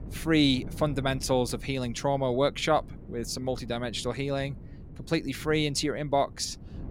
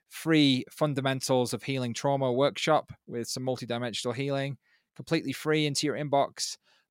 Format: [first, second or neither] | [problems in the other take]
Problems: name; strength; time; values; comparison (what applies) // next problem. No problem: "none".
second | wind noise on the microphone; occasional gusts; 25 dB below the speech